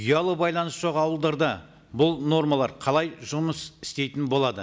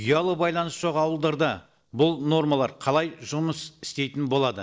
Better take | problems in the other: first | noise reduction (neural separator model SepFormer DNS4)

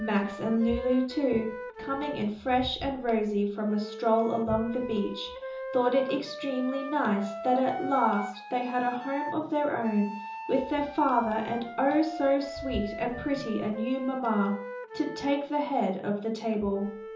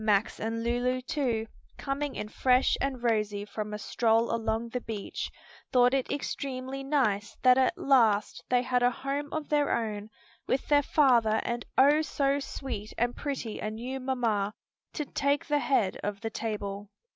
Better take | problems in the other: second | background sound (Wind instrument, woodwind instrument); 11 dB below the speech // room echo; dies away in 0.6 s

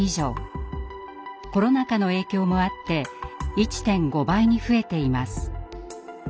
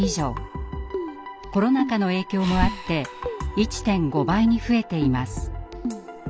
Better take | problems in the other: first | background sound (Breathing + Keyboard (musical)); 8 dB below the speech

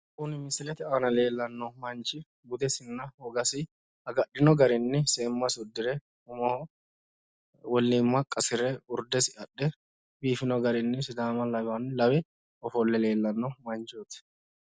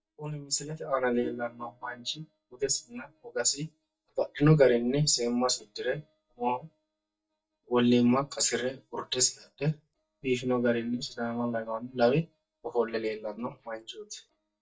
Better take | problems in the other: first | noise reduction (neural mask model DeepFilterNet 3)

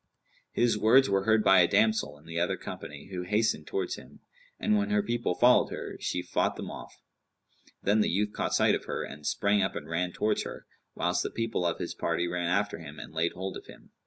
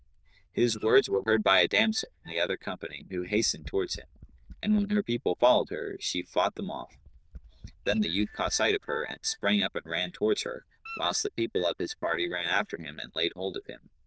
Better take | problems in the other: first | noise reduction (neural diffusion model UNIVERSE++)

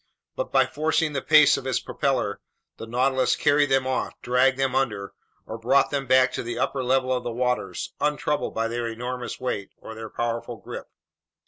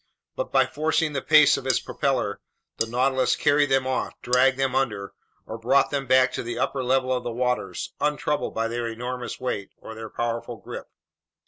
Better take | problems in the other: first | background sound (Cutlery, silverware); 10 dB below the speech

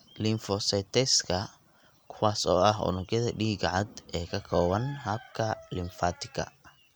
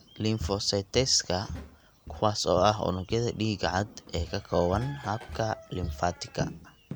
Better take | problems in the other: first | background sound (Walk, footsteps); 12 dB below the speech

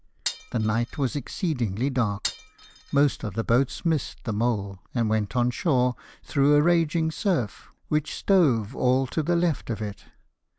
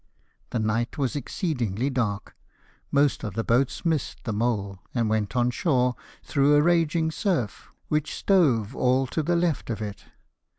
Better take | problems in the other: second | background sound (Glass); 14 dB below the speech

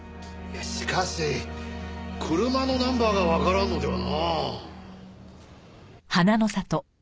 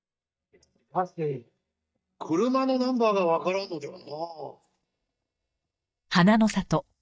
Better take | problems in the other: first | noise reduction (neural mask model DeepFilterNet 3)

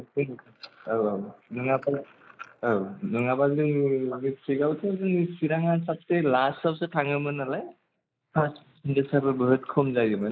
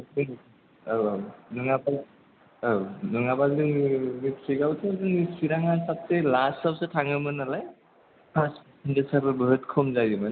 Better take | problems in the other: second | noise reduction (neural mask model Resemble Enhance denoiser)

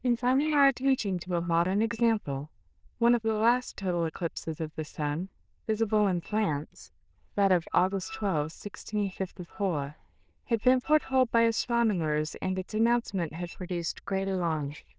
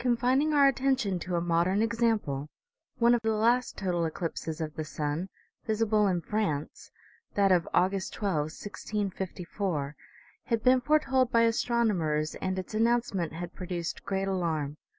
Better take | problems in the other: second | noise reduction (neural diffusion model UNIVERSE++)

